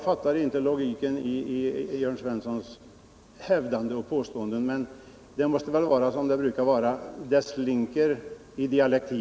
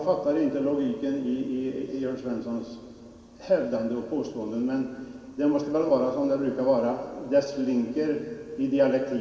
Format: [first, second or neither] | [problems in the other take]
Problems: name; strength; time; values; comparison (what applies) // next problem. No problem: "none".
first | room echo; dies away in 2.1 s